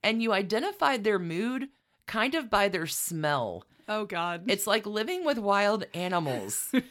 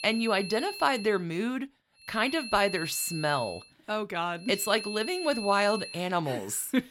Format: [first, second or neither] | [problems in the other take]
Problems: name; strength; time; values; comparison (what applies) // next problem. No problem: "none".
first | high-pitched whine; loud; until 1 s, from 2 to 3.5 s and from 4.5 to 6 s; 4 kHz, 9 dB below the speech